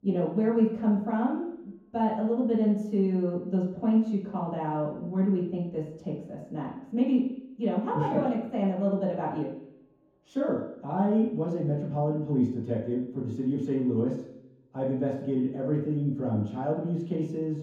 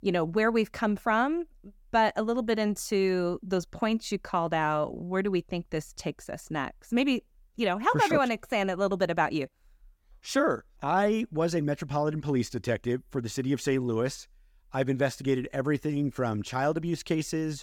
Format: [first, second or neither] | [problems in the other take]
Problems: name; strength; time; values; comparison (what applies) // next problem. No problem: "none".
second | room echo; noticeable; dies away in 0.9 s // off-mic speech; far